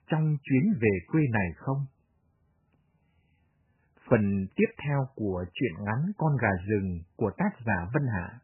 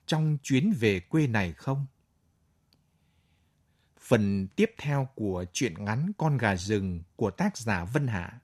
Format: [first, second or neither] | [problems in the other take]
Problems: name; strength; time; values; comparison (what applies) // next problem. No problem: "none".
second | garbled, watery; badly; nothing above 3 kHz